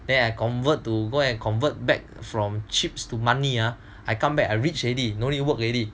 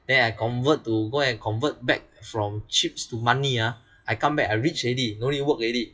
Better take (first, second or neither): first